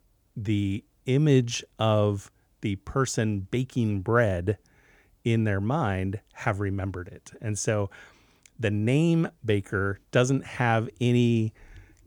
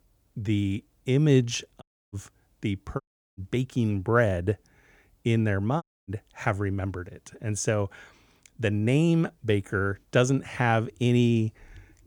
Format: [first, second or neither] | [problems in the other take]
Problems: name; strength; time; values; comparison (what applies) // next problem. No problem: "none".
first | audio cutting out; at 2 s, at 3 s and at 6 s